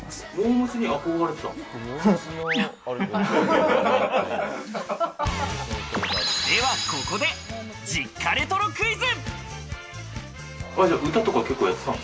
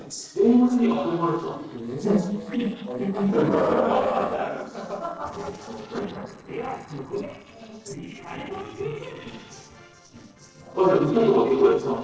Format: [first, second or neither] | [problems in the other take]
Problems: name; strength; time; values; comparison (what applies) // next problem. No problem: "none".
first | noise reduction (neural separator model SepFormer DNS4)